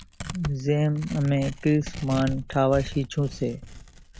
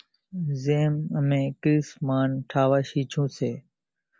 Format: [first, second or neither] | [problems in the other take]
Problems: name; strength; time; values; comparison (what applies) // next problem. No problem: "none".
second | background sound (Tearing); 12 dB below the speech